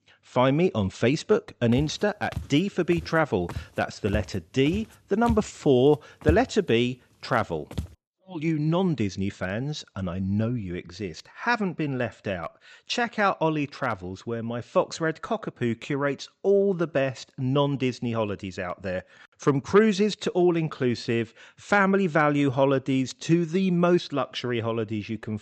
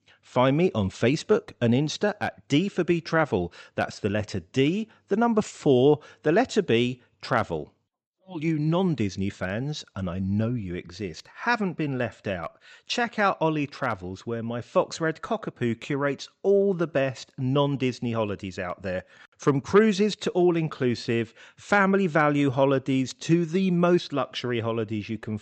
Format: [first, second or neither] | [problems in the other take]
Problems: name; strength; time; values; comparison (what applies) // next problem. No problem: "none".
second | footsteps; noticeable; from 1.5 to 8 s; peak 4 dB below the speech